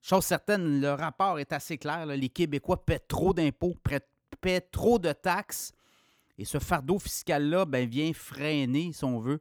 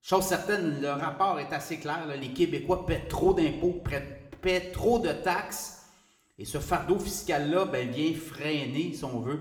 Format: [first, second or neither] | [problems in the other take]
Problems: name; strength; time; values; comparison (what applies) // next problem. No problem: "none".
first | room echo; slight; dies away in 0.8 s